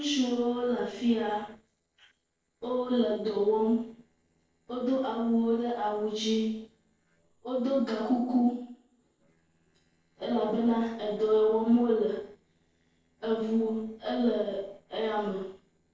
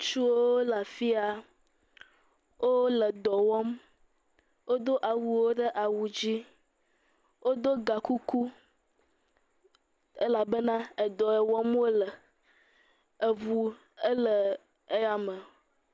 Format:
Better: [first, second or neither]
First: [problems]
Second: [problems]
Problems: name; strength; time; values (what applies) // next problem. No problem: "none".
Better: second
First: noise reduction (neural separator model SepFormer DNS4)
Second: none